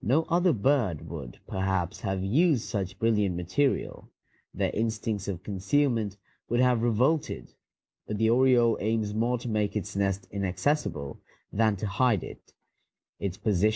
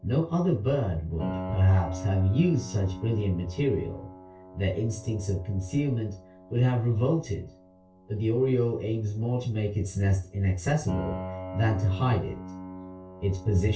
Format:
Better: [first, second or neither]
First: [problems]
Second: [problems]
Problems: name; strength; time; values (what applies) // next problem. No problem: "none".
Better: first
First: none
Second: background sound (Piano); 13 dB below the speech // room echo; dies away in 0.2 s